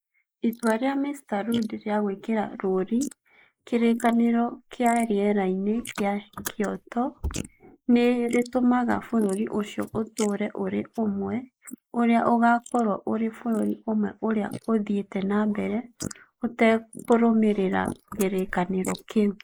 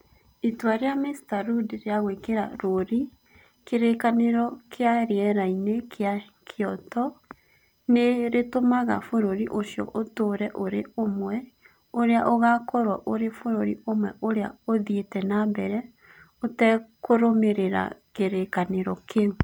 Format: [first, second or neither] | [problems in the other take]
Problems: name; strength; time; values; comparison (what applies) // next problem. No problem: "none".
second | noise reduction (neural mask model Resemble Enhance denoiser)